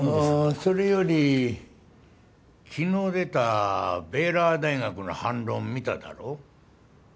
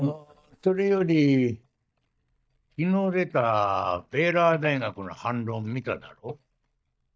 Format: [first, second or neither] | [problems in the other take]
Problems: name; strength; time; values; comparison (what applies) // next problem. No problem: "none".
first | noise reduction (neural mask model DeepFilterNet 3)